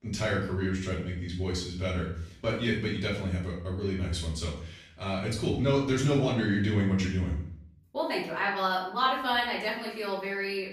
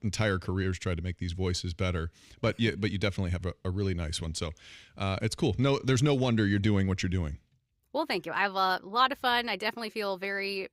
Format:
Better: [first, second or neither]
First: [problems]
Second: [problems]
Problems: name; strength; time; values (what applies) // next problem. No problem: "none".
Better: second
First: off-mic speech; far // room echo; noticeable; dies away in 0.5 s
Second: none